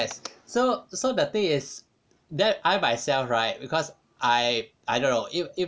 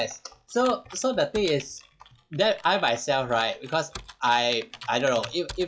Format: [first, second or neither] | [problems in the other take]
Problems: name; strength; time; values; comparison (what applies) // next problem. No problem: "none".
first | noise reduction (classical method log-MMSE)